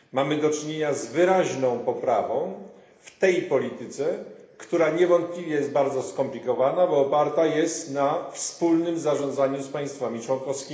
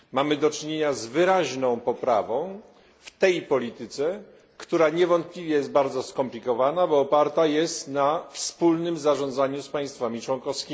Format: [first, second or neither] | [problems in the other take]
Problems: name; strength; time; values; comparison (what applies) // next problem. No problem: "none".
second | room echo; dies away in 1 s